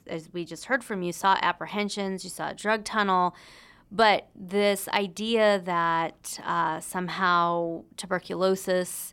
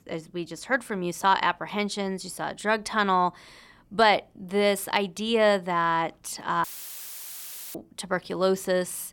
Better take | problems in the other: first | audio cutting out; filled with static; at 6.5 s for 1 s

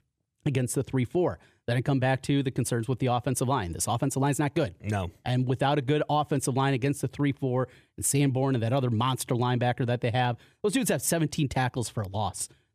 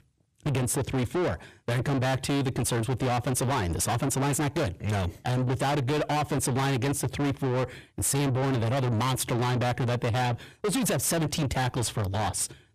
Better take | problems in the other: first | distortion; heavy; 6 dB below the speech

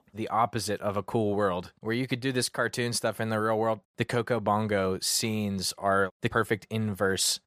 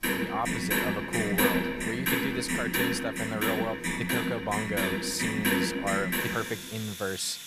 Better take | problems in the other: first | household noises; very loud; throughout; 5 dB above the speech

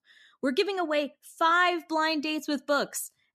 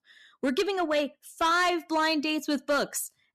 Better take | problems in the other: first | distortion; slight; 7% of the sound clipped

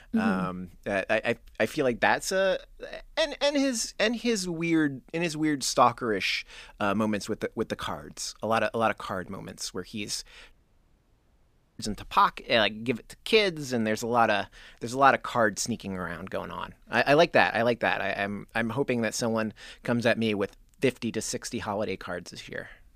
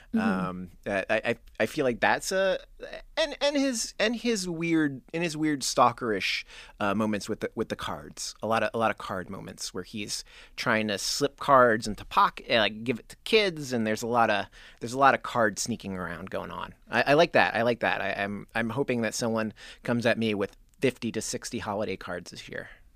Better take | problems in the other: second | audio cutting out; at 11 s for 1.5 s

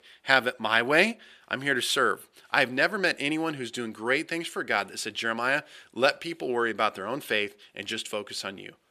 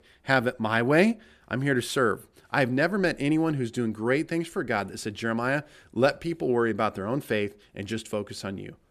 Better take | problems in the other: second | thin; somewhat; fading below 800 Hz

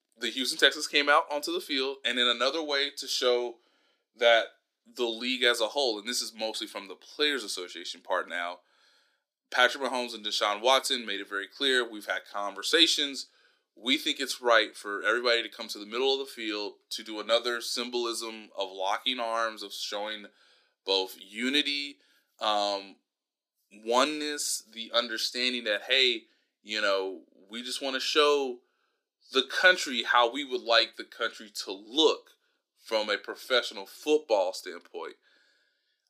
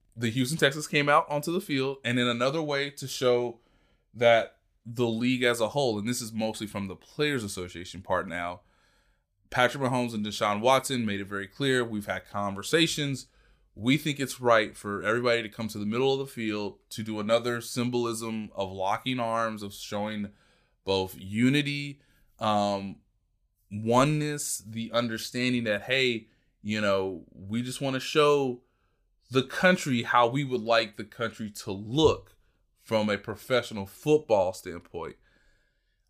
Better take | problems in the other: second | thin; somewhat; fading below 300 Hz

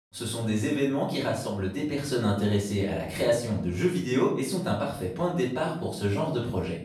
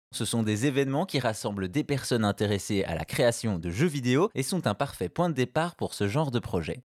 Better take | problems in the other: second | off-mic speech; far // room echo; noticeable; dies away in 0.5 s

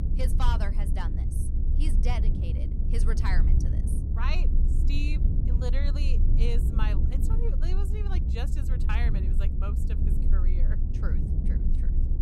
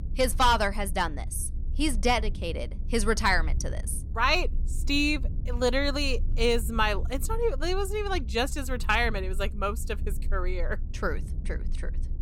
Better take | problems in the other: second | low rumble; loud; throughout; 4 dB below the speech; faint in the second

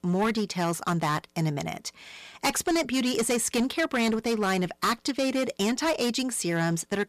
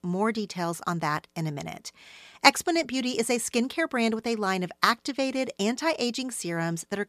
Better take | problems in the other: second | distortion; heavy; 12% of the sound clipped

